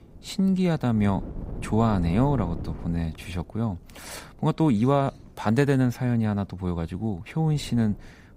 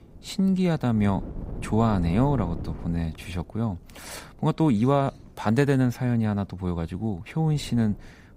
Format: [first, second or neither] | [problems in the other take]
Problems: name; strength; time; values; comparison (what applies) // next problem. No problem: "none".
neither | wind noise on the microphone; occasional gusts; 15 dB below the speech; the same in both